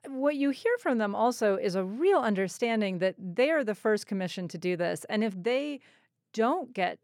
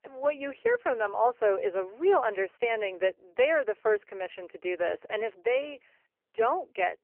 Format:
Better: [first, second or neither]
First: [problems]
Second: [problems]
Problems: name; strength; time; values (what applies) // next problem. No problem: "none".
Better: first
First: none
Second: phone-call audio; poor line; nothing above 3 kHz